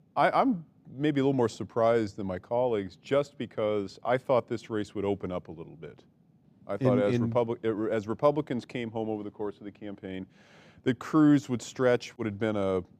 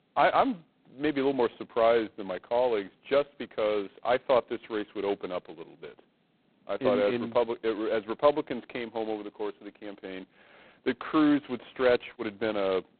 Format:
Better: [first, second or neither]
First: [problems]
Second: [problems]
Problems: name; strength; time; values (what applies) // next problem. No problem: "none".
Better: first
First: none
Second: phone-call audio; poor line; nothing above 4 kHz